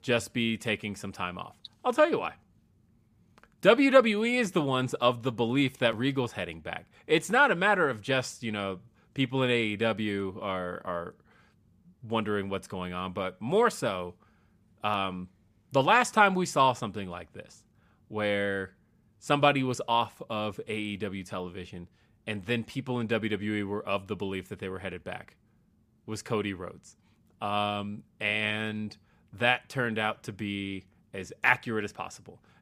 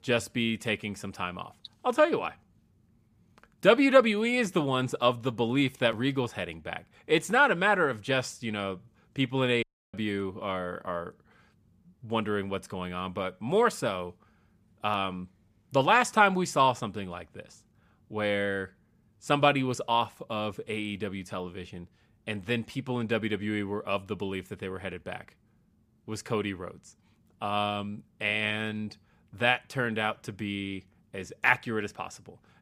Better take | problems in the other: first | audio cutting out; at 9.5 s

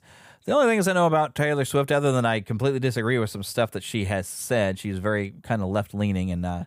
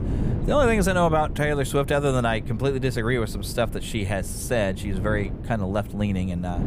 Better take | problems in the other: first | wind noise on the microphone; occasional gusts; 15 dB below the speech

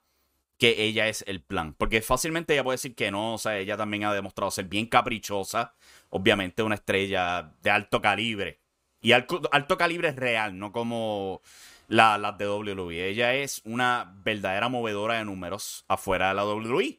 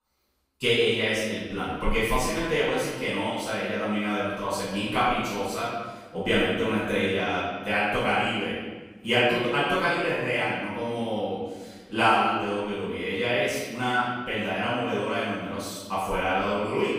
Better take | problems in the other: first | off-mic speech; far // room echo; strong; dies away in 1.3 s

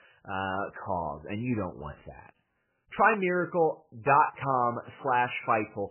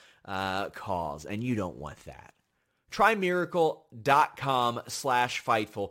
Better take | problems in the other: second | garbled, watery; badly; nothing above 2.5 kHz

